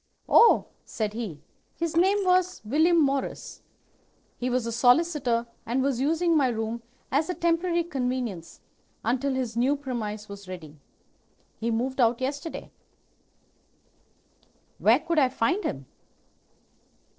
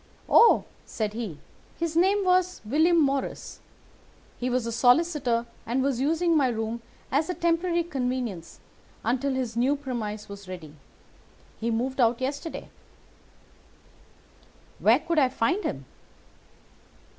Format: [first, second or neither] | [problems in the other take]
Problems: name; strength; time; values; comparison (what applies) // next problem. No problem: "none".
second | noise reduction (neural separator model SepFormer DNS4)